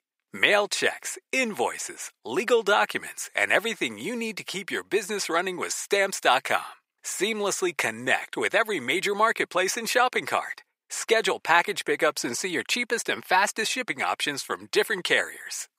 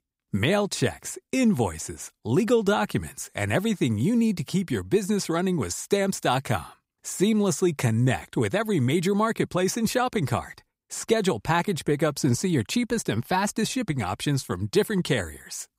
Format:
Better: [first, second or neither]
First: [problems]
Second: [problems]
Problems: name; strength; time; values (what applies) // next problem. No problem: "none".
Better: second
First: thin; very; fading below 500 Hz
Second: none